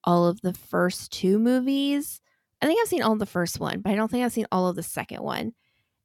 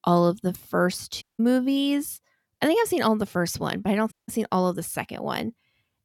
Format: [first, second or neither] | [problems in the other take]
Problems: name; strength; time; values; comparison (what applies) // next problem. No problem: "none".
first | audio cutting out; at 1 s and at 4 s